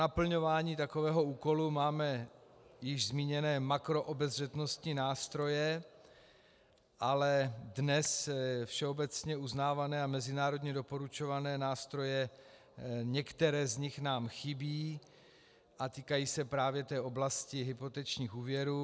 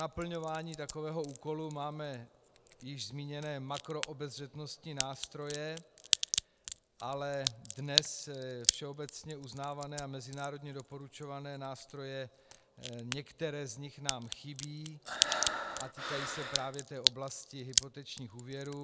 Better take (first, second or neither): first